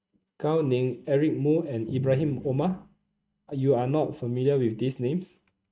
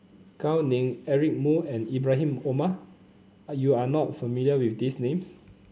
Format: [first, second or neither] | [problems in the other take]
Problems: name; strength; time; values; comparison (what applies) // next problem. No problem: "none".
second | noise reduction (neural mask model RNNoise)